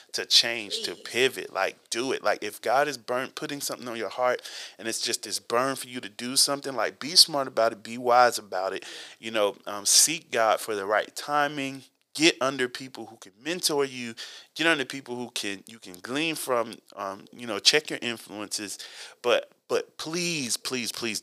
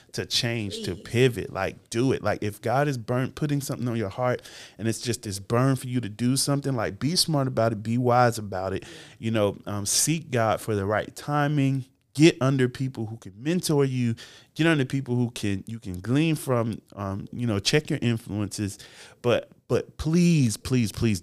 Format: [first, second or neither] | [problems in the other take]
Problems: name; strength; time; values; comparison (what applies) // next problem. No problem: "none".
second | thin; very; fading below 500 Hz